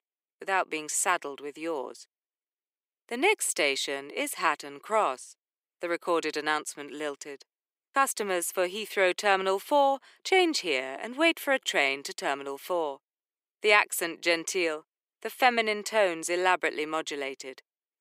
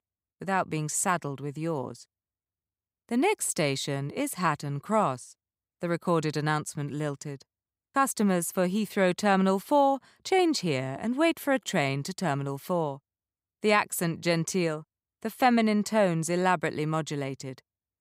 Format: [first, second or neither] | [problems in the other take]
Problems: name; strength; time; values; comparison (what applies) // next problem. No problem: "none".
second | thin; somewhat; fading below 350 Hz